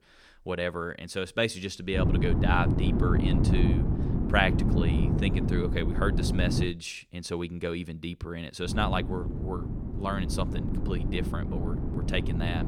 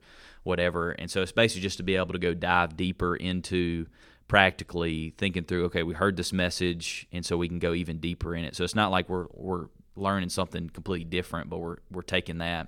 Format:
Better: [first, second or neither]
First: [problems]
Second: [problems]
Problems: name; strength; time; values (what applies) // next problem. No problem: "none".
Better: second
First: wind noise on the microphone; heavy; from 2 to 6.5 s and from 8.5 s on; 5 dB below the speech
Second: none